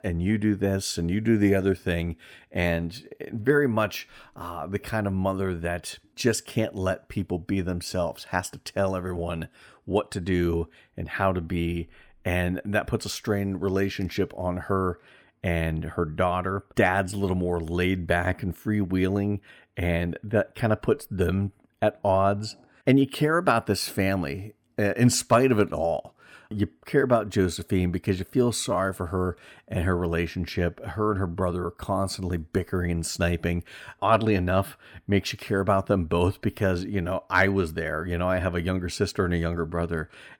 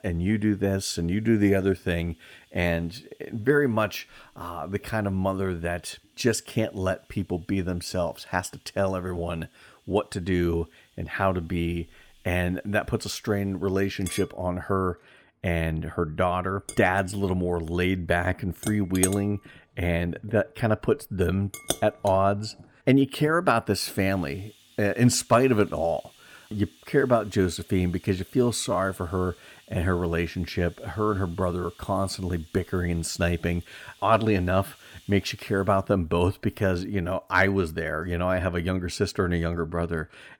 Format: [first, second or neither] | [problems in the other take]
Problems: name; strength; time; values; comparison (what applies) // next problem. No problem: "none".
first | household noises; noticeable; throughout; 15 dB below the speech